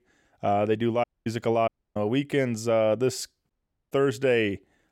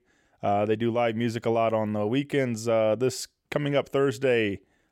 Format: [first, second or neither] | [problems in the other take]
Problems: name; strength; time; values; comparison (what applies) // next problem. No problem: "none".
second | audio cutting out; at 1 s, at 1.5 s and at 3.5 s